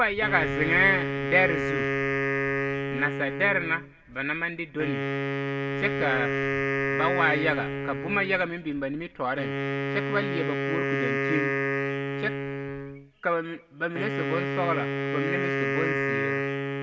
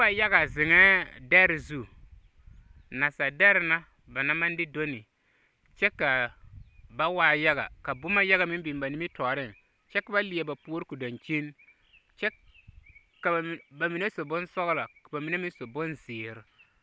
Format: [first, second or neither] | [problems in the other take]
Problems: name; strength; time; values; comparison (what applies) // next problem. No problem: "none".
second | background sound (Wind instrument, woodwind instrument); as loud as the speech // room echo; dies away in 0.2 s